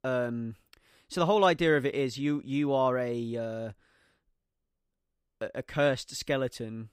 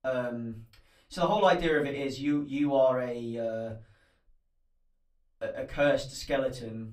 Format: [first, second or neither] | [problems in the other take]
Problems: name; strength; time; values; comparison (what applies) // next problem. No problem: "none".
first | off-mic speech; far // room echo; very slight; dies away in 0.2 s